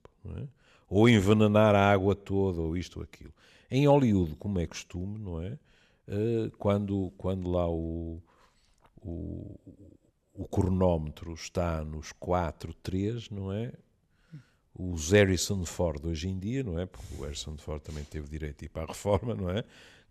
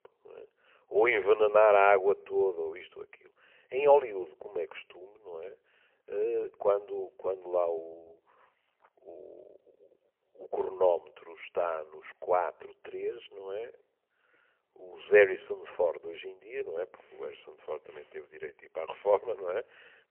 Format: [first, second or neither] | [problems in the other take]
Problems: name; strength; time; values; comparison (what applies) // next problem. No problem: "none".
first | phone-call audio; poor line